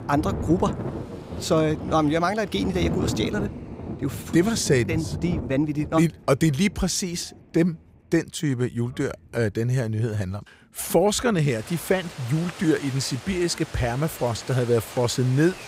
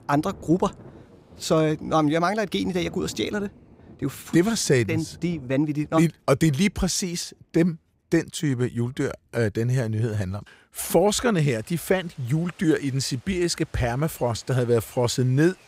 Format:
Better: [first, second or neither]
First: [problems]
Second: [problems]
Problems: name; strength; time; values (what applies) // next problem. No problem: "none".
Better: second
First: rain or running water; loud; throughout; 9 dB below the speech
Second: rain or running water; faint; throughout; 25 dB below the speech